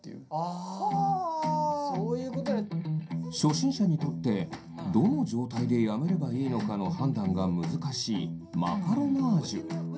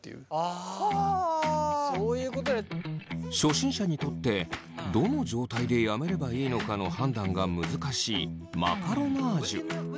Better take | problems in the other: second | room echo; dies away in 0.3 s

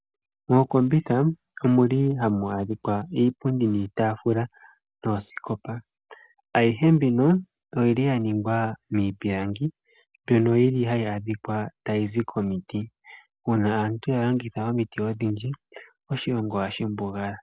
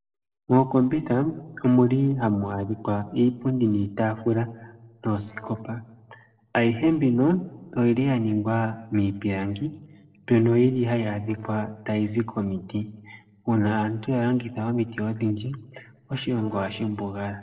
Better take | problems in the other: first | noise reduction (neural separator model SepFormer DNS4)

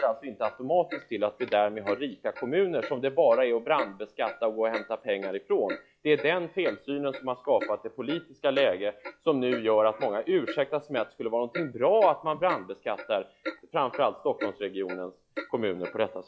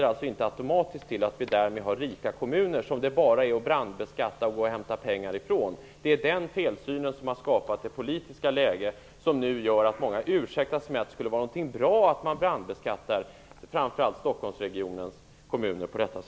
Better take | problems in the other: second | noise reduction (classical method log-MMSE)

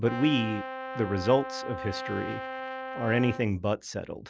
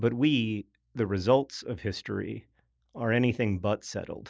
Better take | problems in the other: second | background sound (Brass instrument); 8 dB below the speech

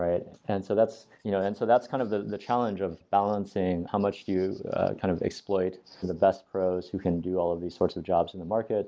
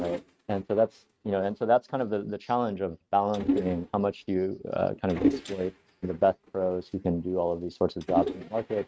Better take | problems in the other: first | noise reduction (neural mask model RNNoise)

